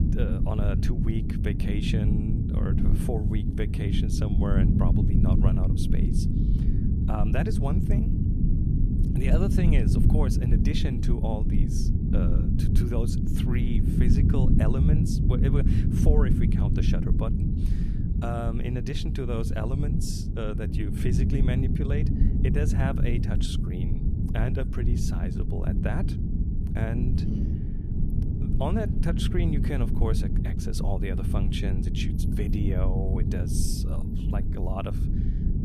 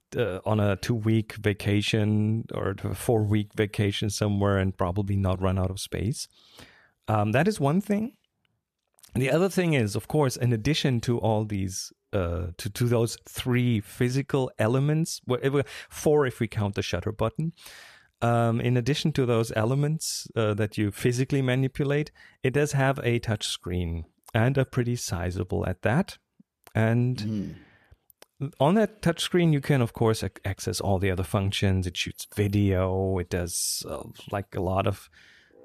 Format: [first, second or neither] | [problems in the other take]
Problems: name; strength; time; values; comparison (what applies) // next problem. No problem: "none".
second | low rumble; loud; throughout; 1 dB below the speech